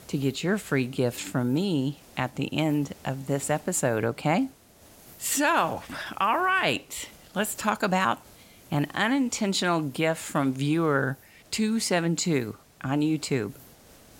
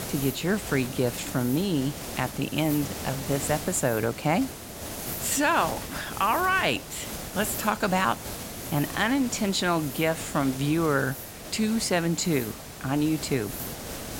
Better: first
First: hiss; faint; throughout; 25 dB below the speech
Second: hiss; loud; throughout; 9 dB below the speech

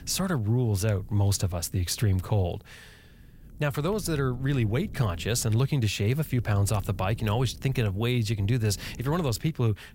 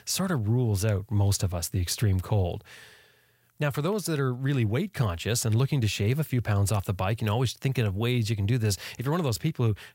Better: second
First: wind noise on the microphone; occasional gusts; 25 dB below the speech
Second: none

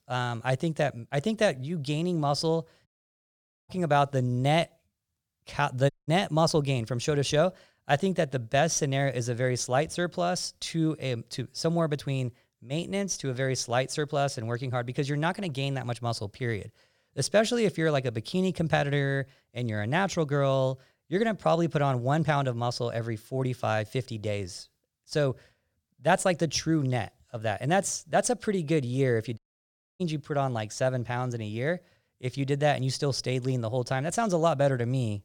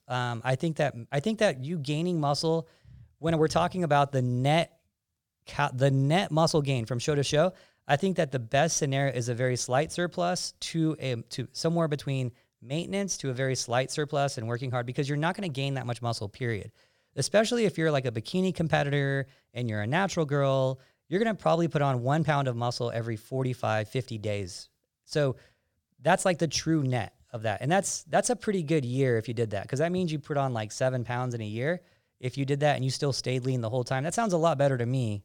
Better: second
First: audio cutting out; at 3 s for 1 s, at 6 s and at 29 s for 0.5 s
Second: none

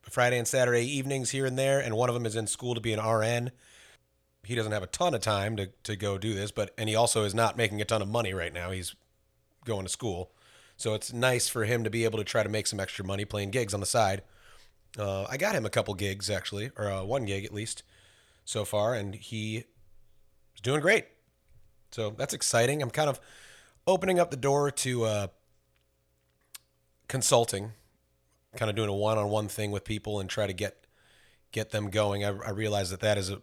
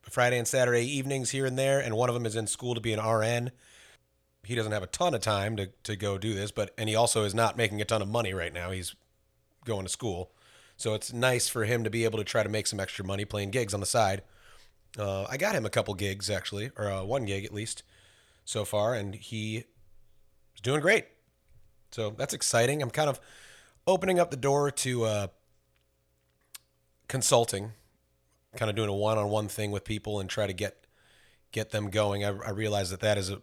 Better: neither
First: none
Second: none

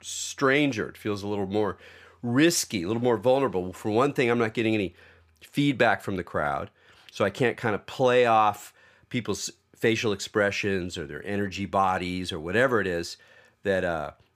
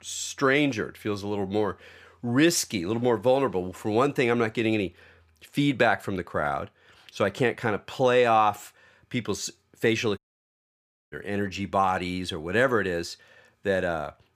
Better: first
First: none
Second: audio cutting out; at 10 s for 1 s

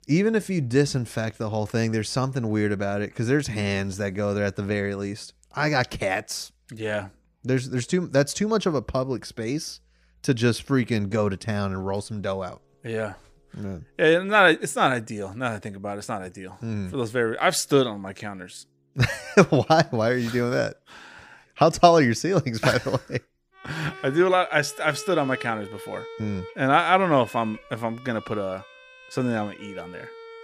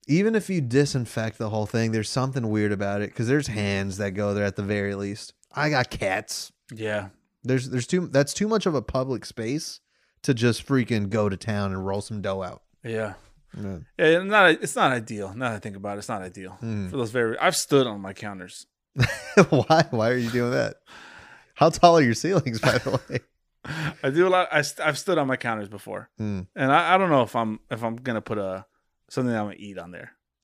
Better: second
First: background music; noticeable; throughout; 20 dB below the speech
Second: none

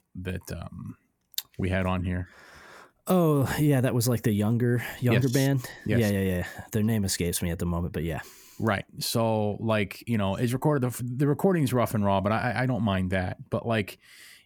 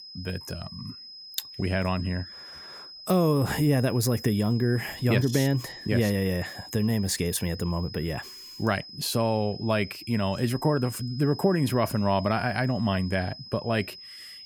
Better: first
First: none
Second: high-pitched whine; noticeable; throughout; 5 kHz, 15 dB below the speech

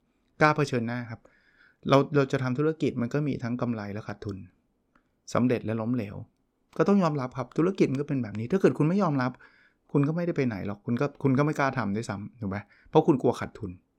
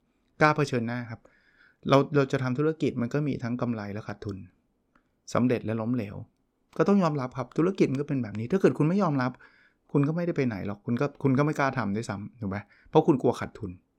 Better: neither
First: none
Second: none

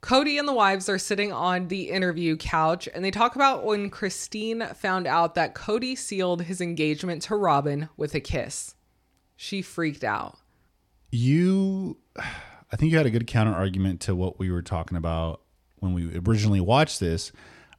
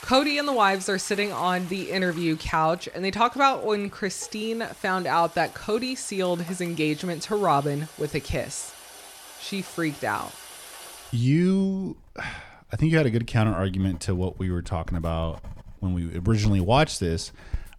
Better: first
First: none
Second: household noises; noticeable; throughout; 20 dB below the speech

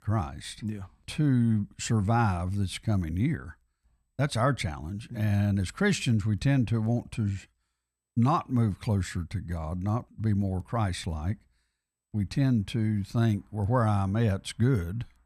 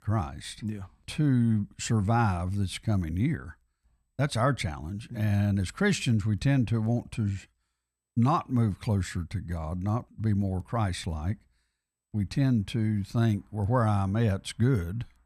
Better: neither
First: none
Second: none

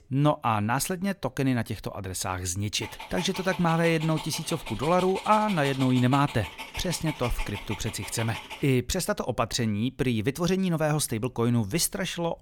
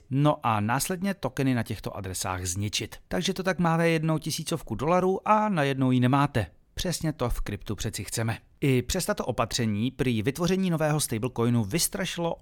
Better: second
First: dog barking; noticeable; from 3 to 8.5 s; peak 9 dB below the speech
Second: none

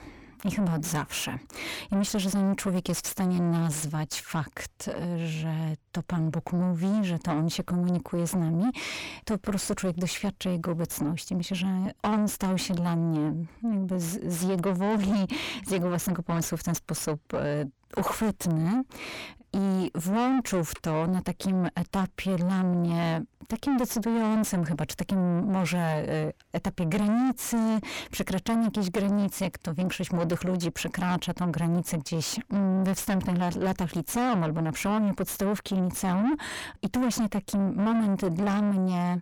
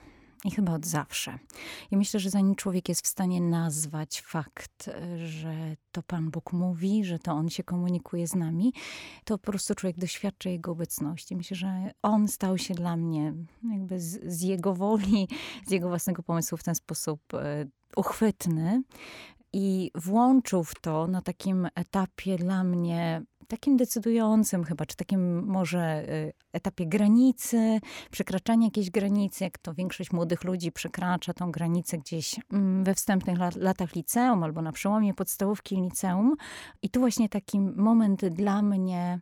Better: second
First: distortion; heavy; 6 dB below the speech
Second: none

